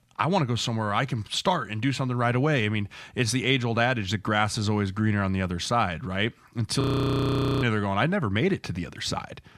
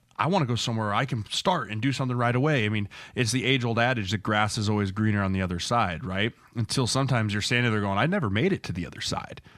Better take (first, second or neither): second